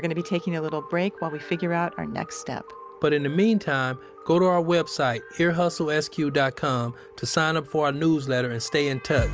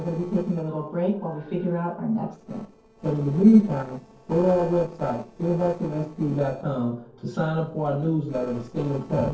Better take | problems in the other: first | noise reduction (neural separator model SepFormer DNS4)

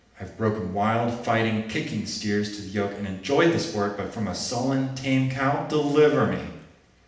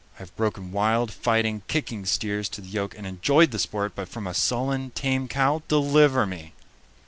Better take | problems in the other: second | room echo; dies away in 0.8 s

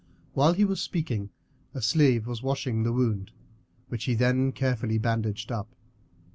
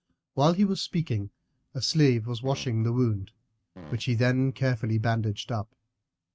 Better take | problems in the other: first | noise reduction (neural mask model RNNoise)

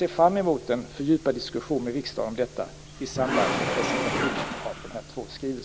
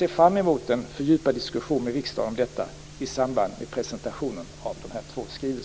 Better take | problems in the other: second | background sound (Engine / Mechanisms); 2 dB below the speech

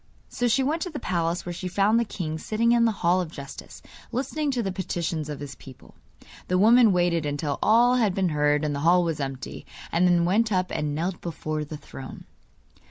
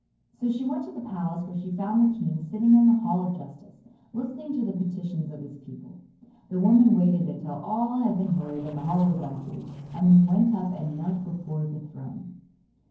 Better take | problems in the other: first | noise reduction (neural separator model SepFormer DNS4)

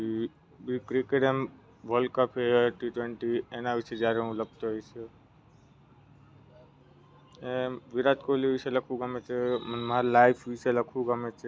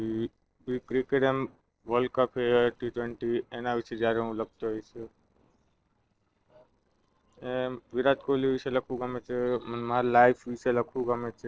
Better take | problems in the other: first | noise reduction (neural separator model SepFormer DNS4)

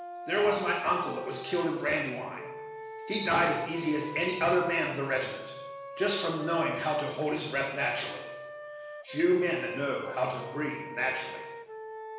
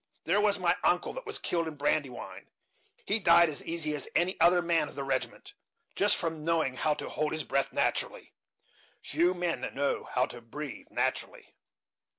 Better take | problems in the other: second | background sound (Wind instrument, woodwind instrument); 12 dB below the speech // room echo; dies away in 1.1 s

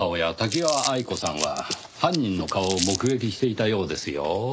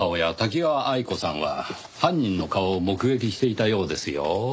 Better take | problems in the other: second | background sound (Crumpling, crinkling); 7 dB below the speech

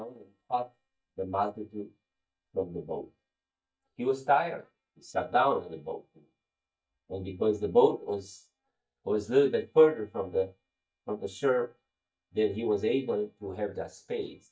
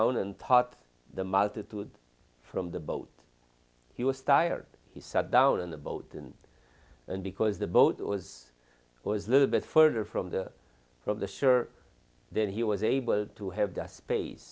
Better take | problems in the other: second | noise reduction (neural mask model DeepFilterNet 3)

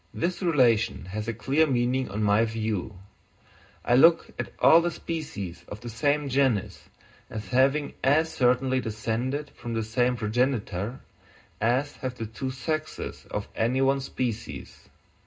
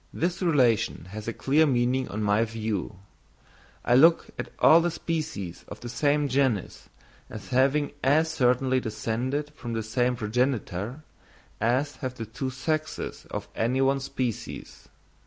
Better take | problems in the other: second | room echo; dies away in 0.2 s

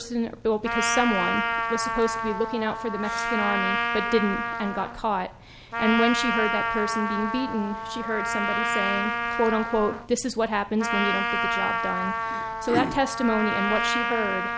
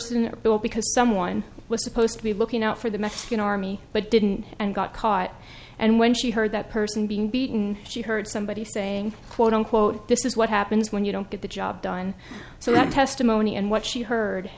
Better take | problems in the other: second | background sound (Trumpet); 1 dB below the speech

